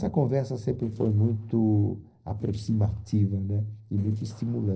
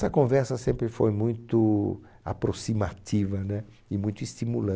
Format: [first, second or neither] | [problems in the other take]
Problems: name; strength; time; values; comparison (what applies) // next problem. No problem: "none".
second | noise reduction (neural separator model SepFormer DNS4)